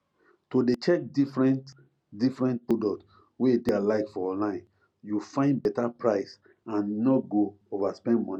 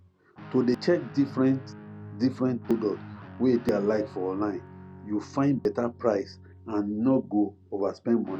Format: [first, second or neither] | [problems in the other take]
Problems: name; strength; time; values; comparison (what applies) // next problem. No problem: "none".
first | background sound (Guitar); 17 dB below the speech